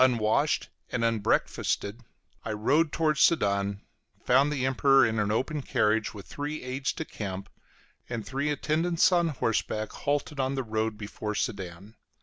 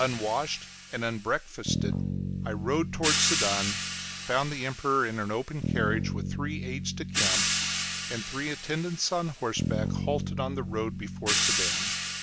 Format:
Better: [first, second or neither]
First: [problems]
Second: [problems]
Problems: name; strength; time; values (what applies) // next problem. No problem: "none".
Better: first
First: none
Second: background sound (Bass guitar + Hi-hat); 1 dB above the speech